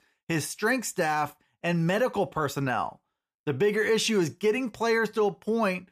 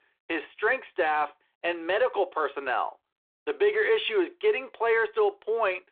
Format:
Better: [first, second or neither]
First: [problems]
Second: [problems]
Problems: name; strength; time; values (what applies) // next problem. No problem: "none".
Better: first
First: none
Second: phone-call audio; nothing above 3.5 kHz